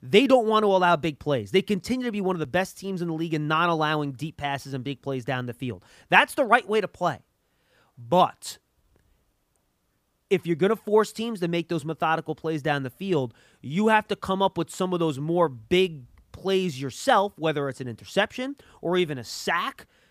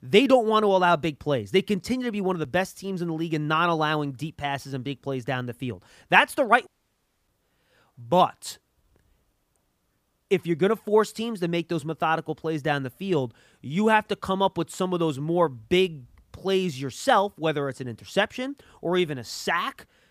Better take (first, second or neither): first